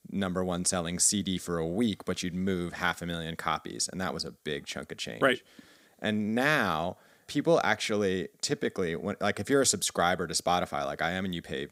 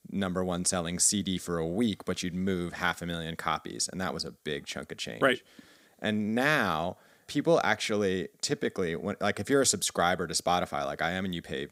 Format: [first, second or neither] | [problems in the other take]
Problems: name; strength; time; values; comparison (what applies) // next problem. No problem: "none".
neither | none